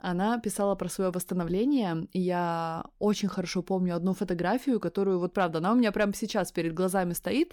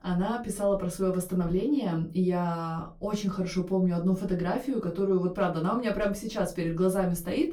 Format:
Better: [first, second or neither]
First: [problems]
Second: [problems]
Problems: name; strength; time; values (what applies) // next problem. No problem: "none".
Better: first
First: none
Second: off-mic speech; far // room echo; very slight; dies away in 0.2 s